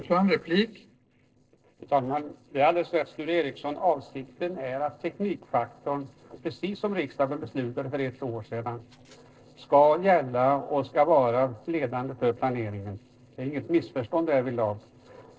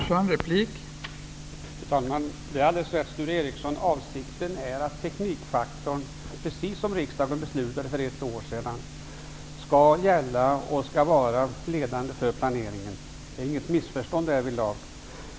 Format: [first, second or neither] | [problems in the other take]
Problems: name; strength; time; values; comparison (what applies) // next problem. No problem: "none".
second | noise reduction (neural separator model SepFormer DNS4)